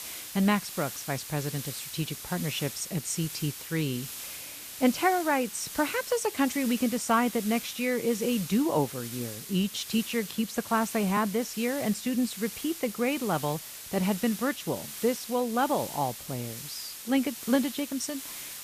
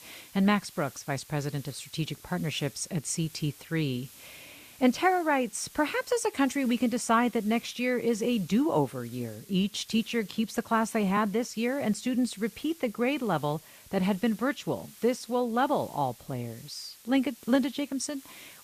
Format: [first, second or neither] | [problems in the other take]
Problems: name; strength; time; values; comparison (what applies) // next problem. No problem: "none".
second | hiss; loud; throughout; 9 dB below the speech; faint in the second